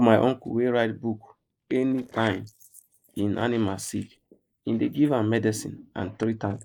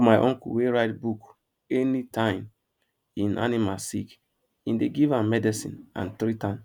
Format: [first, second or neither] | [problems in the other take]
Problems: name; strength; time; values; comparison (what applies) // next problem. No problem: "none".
second | noise reduction (neural mask model Resemble Enhance denoiser)